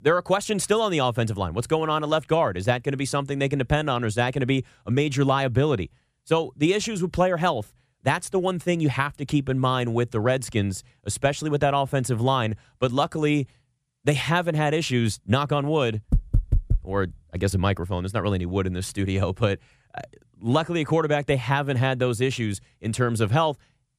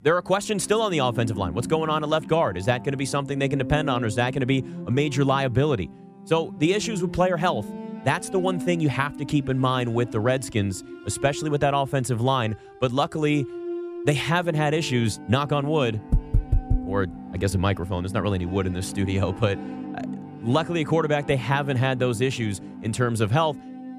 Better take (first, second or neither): first